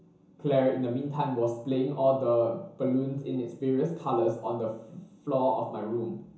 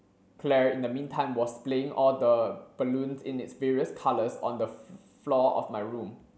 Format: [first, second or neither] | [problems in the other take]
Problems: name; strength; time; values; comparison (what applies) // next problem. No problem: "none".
second | room echo; dies away in 0.7 s